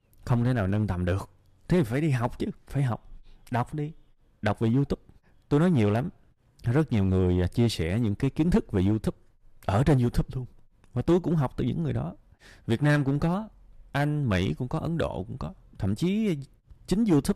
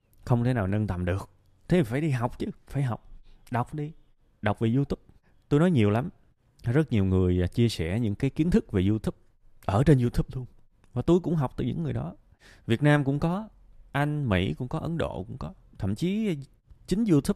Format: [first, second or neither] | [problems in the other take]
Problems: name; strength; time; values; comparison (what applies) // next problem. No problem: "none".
second | distortion; slight; 3% of the sound clipped